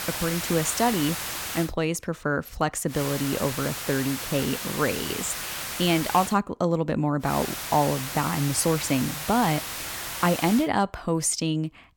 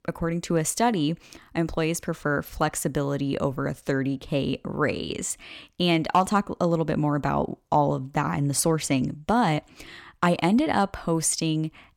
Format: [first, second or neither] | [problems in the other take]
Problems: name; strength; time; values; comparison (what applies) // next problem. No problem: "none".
second | hiss; loud; until 1.5 s, from 3 to 6.5 s and from 7.5 to 11 s; 5 dB below the speech